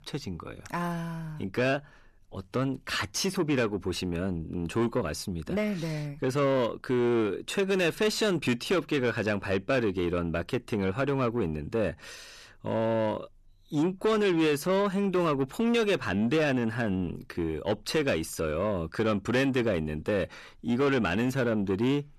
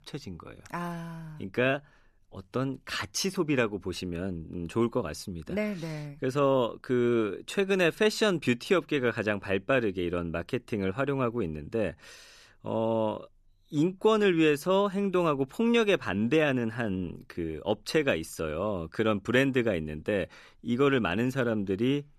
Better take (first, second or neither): second